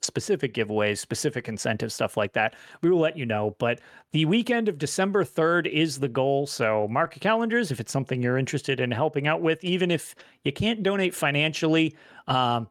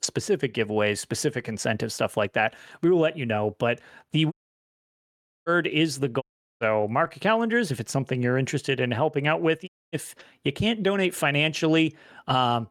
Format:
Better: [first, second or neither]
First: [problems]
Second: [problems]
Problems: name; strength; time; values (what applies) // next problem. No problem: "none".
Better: first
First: none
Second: audio cutting out; at 4.5 s for 1 s, at 6 s and at 9.5 s